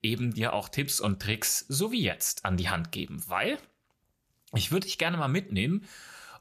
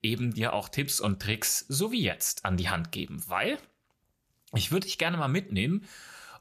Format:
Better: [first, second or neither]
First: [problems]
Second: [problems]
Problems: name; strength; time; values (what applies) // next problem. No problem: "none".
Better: neither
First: none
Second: none